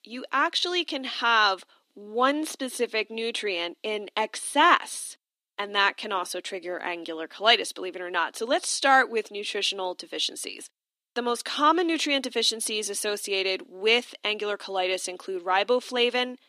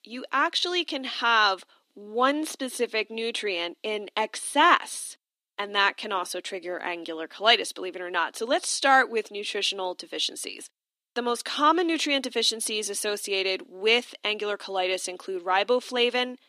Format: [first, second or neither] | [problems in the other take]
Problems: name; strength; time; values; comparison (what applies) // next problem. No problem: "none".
neither | thin; very slightly; fading below 250 Hz; the same in both